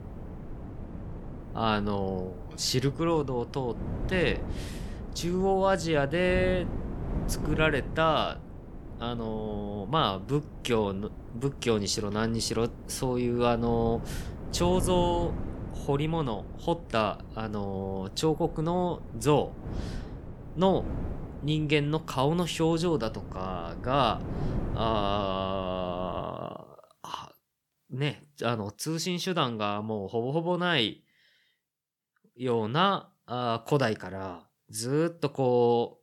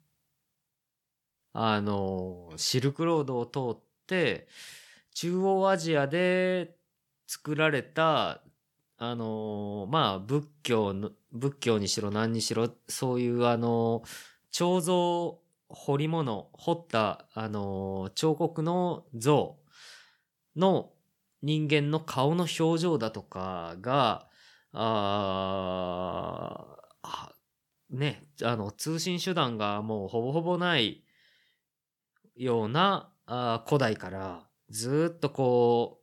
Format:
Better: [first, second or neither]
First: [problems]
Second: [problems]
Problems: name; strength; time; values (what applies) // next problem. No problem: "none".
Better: second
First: wind noise on the microphone; occasional gusts; until 26 s; 15 dB below the speech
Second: none